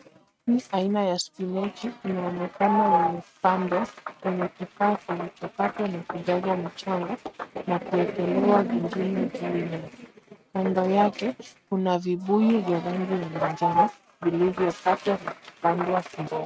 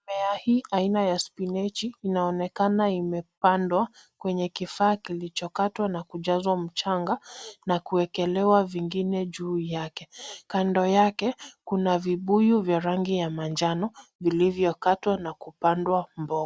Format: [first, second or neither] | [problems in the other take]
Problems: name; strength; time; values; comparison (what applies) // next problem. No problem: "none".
second | noise reduction (neural mask model RNNoise)